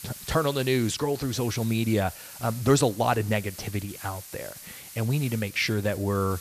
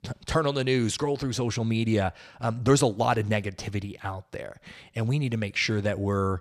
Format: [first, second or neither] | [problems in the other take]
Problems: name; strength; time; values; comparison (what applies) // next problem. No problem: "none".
second | hiss; noticeable; throughout; 15 dB below the speech